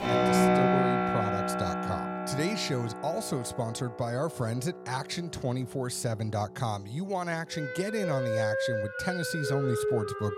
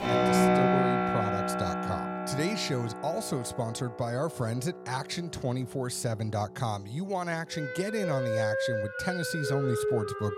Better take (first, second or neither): neither